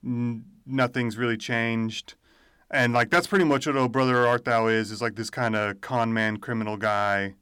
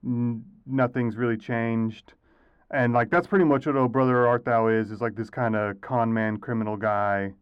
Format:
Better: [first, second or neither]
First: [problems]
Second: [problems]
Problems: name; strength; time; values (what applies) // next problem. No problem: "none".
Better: first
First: none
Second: muffled; very; fading above 2.5 kHz